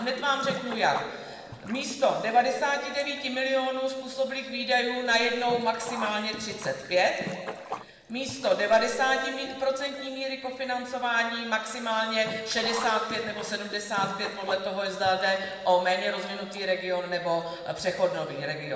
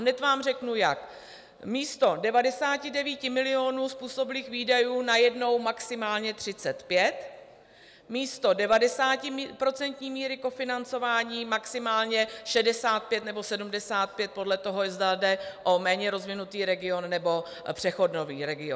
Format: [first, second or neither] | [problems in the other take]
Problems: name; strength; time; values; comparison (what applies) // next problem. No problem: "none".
second | background sound (Sink (filling or washing)); 15 dB below the speech // room echo; dies away in 1.5 s